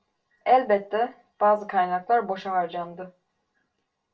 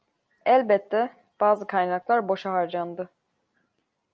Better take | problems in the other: second | room echo; dies away in 0.2 s

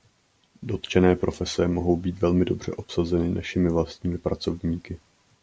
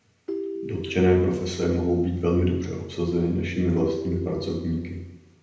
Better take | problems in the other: first | background sound (Ringtone); 10 dB below the speech // room echo; dies away in 0.9 s

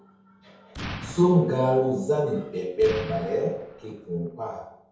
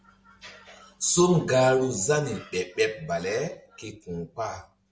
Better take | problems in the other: second | background sound (Explosion); 14 dB below the speech // room echo; dies away in 0.8 s

